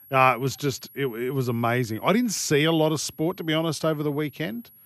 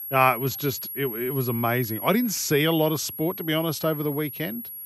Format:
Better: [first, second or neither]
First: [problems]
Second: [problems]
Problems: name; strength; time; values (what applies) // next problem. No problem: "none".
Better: first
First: high-pitched whine; faint; throughout; 11.5 kHz, 25 dB below the speech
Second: high-pitched whine; loud; throughout; 11.5 kHz, 7 dB below the speech